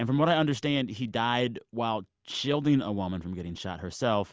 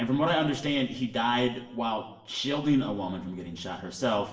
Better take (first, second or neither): first